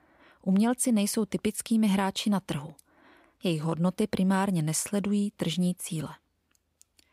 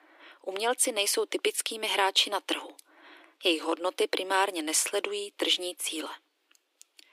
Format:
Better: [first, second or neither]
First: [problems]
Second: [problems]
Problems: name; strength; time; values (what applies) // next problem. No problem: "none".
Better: first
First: none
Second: thin; very; fading below 300 Hz